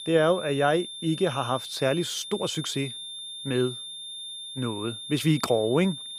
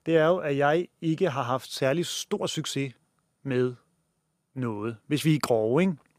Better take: second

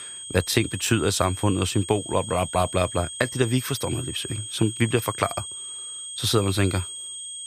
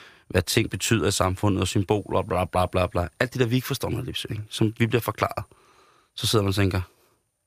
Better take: second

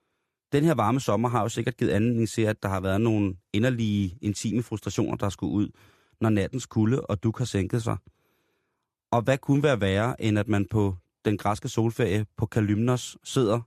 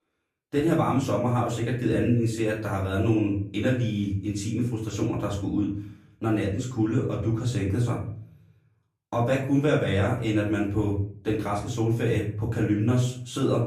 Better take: first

